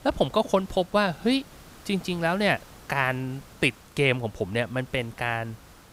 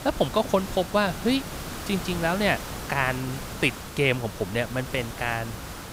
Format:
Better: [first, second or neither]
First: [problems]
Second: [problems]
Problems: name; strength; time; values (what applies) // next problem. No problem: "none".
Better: first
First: hiss; faint; throughout; 25 dB below the speech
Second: hiss; loud; throughout; 9 dB below the speech